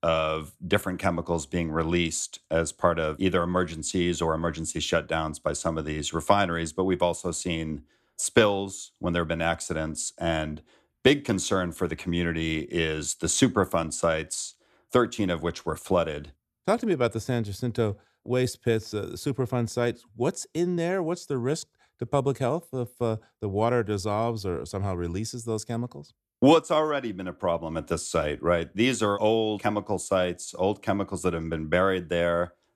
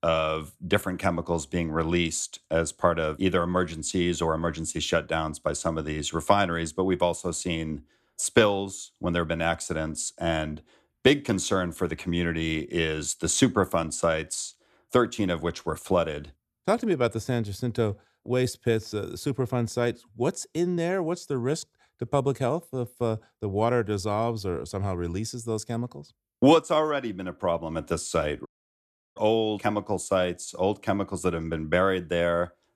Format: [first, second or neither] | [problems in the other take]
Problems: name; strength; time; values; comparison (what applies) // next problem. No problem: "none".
first | audio cutting out; at 28 s for 0.5 s